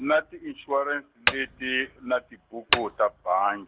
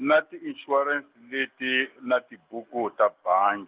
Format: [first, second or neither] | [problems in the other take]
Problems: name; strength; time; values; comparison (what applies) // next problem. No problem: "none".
second | background sound (Hammer); 5 dB below the speech